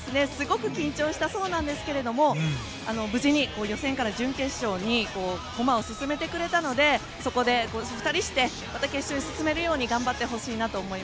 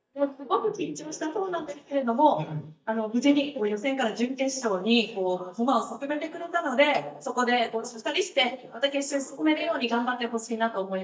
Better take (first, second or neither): first